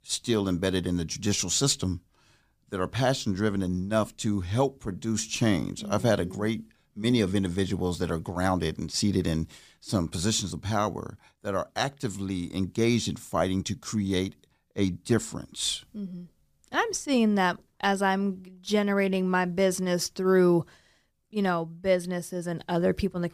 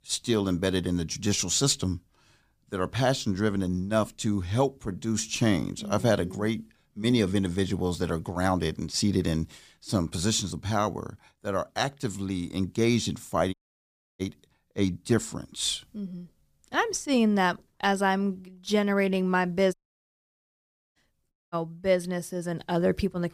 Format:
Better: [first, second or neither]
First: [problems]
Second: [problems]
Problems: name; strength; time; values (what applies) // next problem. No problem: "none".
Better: first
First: none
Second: audio cutting out; at 14 s for 0.5 s, at 20 s for 1 s and at 21 s